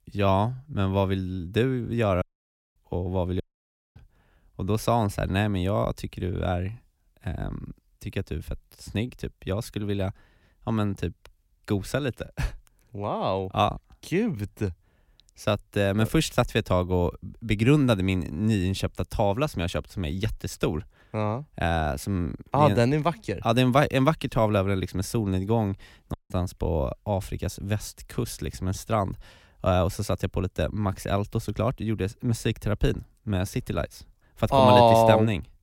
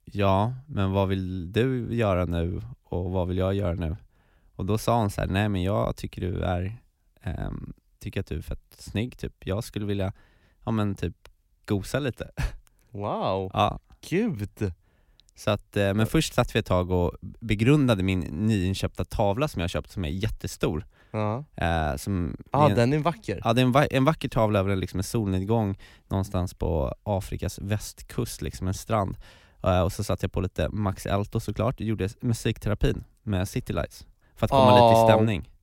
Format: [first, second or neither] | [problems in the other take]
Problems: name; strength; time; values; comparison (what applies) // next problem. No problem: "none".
second | audio cutting out; at 2 s for 0.5 s, at 3.5 s for 0.5 s and at 26 s